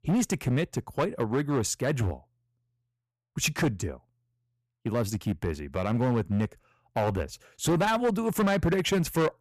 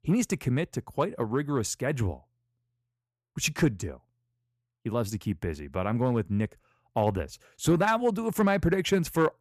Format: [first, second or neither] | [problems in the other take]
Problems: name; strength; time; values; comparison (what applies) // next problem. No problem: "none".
second | distortion; slight; 8% of the sound clipped